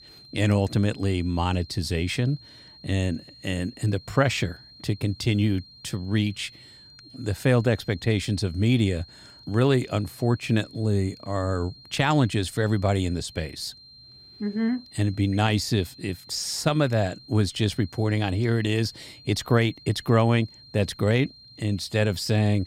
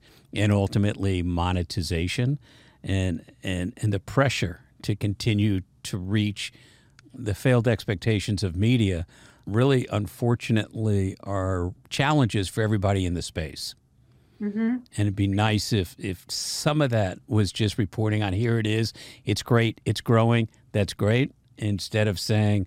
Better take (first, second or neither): second